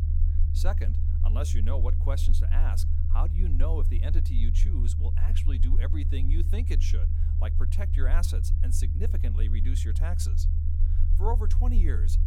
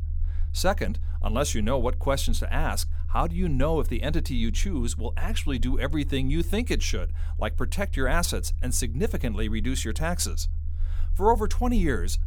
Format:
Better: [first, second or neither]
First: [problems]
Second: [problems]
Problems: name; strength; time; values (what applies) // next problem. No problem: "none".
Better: second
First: low rumble; loud; throughout; 5 dB below the speech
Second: low rumble; faint; throughout; 20 dB below the speech